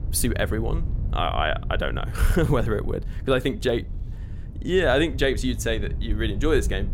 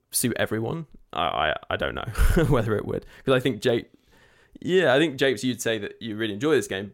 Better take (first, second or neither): second